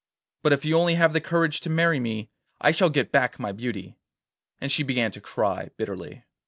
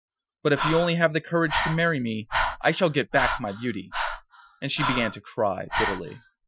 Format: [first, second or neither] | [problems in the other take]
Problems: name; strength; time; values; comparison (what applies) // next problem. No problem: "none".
first | noise reduction (classical method Wiener filter)